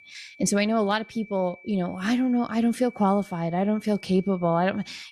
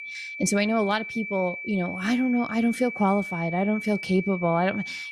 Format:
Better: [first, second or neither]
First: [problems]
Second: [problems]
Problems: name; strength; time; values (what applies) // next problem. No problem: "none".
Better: first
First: high-pitched whine; faint; throughout; 2.5 kHz, 25 dB below the speech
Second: high-pitched whine; loud; throughout; 2.5 kHz, 8 dB below the speech